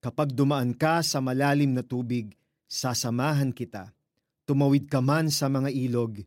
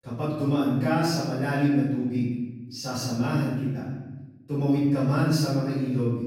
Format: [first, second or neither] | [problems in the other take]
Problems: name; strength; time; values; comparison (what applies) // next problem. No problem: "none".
first | off-mic speech; far // room echo; strong; dies away in 1.2 s